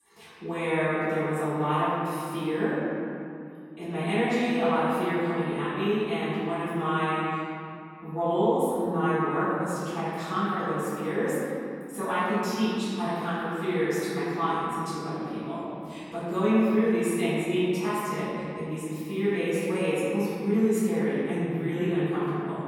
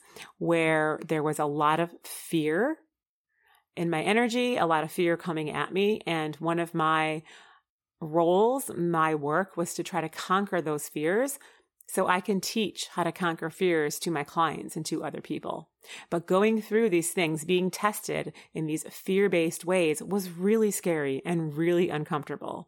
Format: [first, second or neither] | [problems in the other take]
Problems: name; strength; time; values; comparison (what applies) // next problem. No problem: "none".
second | room echo; strong; dies away in 2.7 s // off-mic speech; far